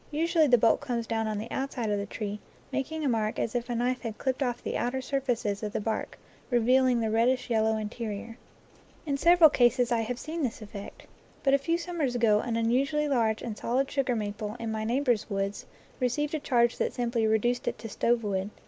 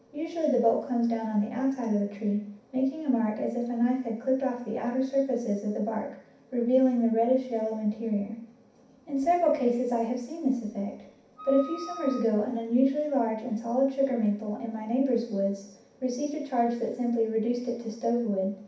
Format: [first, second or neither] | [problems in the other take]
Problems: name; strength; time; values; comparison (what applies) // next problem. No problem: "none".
first | background sound (Wind instrument, woodwind instrument); 14 dB below the speech // room echo; dies away in 0.6 s